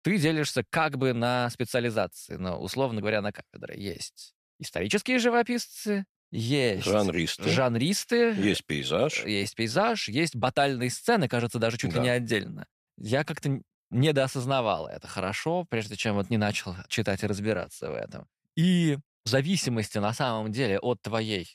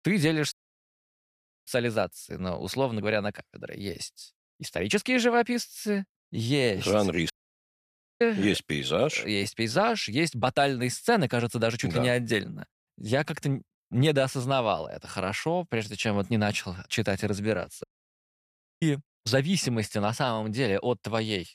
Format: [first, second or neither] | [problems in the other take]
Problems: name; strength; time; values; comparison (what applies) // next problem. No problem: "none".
first | audio cutting out; at 0.5 s for 1 s, at 7.5 s for 1 s and at 18 s for 1 s